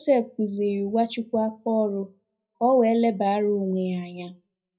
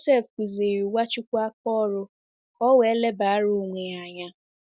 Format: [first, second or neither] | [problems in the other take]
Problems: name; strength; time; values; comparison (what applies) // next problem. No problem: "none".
second | room echo; dies away in 0.4 s